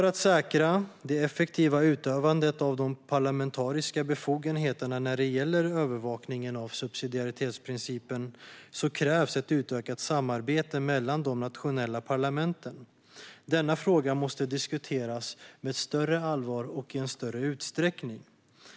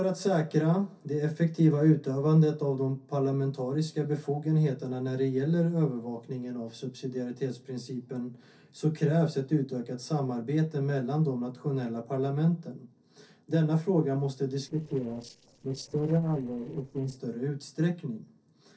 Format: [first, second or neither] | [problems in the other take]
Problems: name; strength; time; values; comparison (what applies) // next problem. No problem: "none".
first | noise reduction (neural separator model SepFormer DNS4)